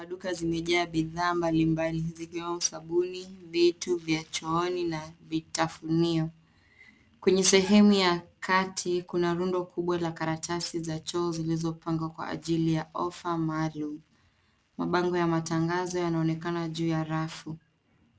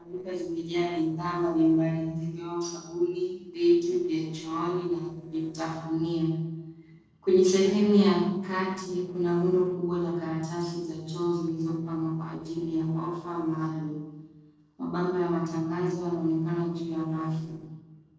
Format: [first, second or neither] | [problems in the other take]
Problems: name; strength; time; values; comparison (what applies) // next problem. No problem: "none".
first | noise reduction (neural separator model SepFormer DNS4)